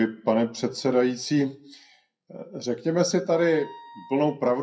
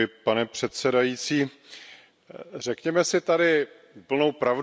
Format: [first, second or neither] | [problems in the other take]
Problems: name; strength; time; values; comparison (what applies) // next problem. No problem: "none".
second | noise reduction (classical method WPE with log-MMSE)